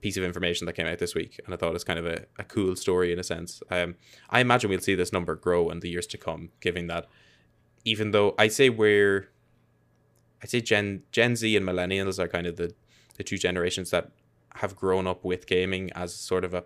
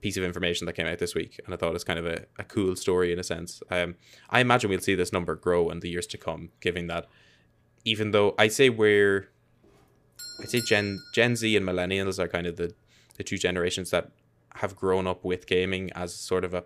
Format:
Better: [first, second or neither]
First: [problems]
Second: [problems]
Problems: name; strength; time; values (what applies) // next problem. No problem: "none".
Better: first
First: none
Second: doorbell; noticeable; from 10 to 11 s; peak 8 dB below the speech